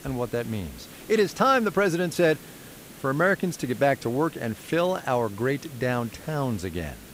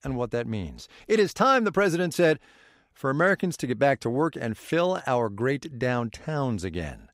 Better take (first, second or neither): second